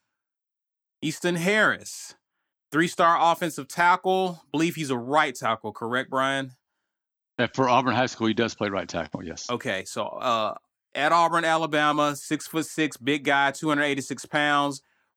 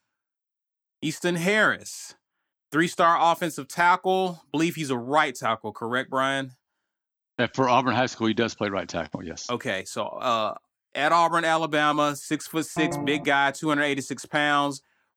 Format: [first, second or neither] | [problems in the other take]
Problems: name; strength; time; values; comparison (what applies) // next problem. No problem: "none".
first | phone ringing; noticeable; at 13 s; peak 6 dB below the speech